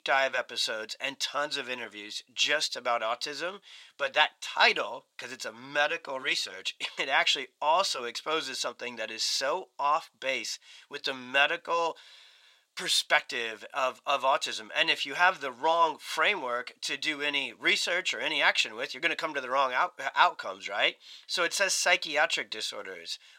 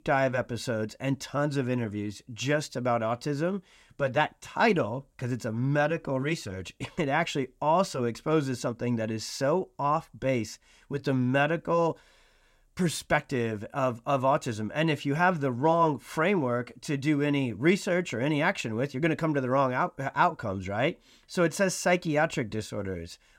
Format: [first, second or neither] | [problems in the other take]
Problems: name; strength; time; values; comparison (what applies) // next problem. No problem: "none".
second | thin; very; fading below 750 Hz